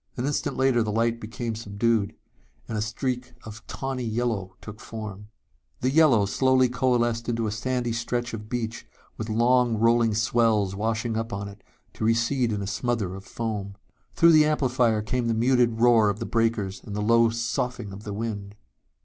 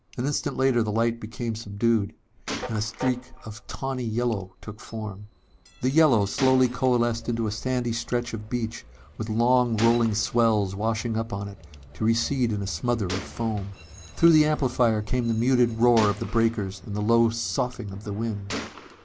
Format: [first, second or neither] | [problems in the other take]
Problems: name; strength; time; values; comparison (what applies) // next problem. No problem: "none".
first | background sound (Train + Gunshot, gunfire); 16 dB below the speech